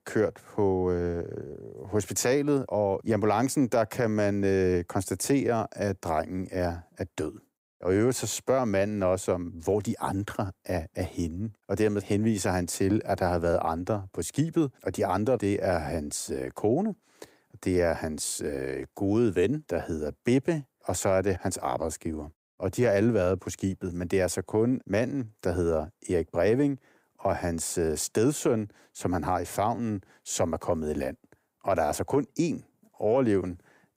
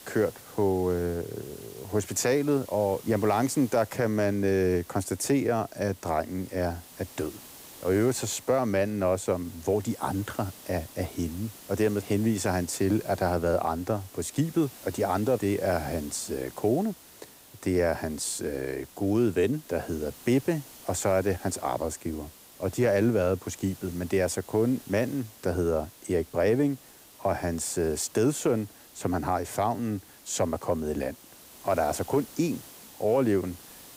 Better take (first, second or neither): first